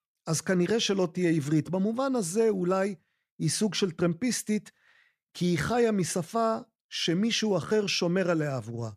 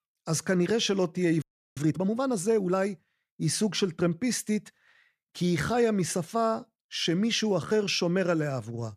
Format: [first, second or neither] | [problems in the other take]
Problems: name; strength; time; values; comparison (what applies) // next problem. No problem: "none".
first | audio freezing; at 1.5 s